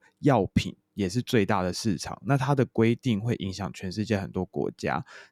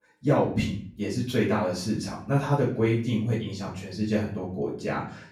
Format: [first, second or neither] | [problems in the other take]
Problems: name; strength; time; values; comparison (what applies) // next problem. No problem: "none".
first | room echo; slight; dies away in 0.4 s // off-mic speech; far